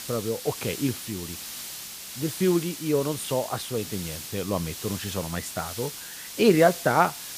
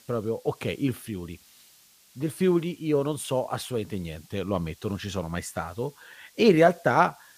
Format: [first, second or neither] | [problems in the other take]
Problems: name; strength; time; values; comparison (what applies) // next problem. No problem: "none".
second | hiss; loud; throughout; 9 dB below the speech; faint in the second